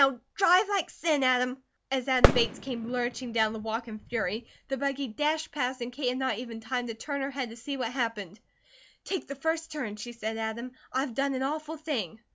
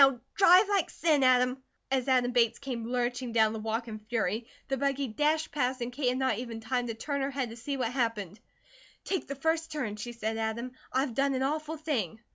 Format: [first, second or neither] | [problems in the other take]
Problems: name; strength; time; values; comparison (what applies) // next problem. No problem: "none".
second | background sound (Fireworks); 1 dB above the speech